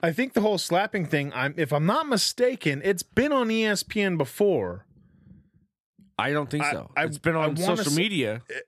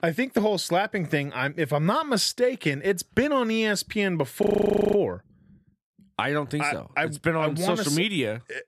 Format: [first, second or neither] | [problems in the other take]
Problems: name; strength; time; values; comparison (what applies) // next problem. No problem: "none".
first | audio freezing; at 4.5 s for 0.5 s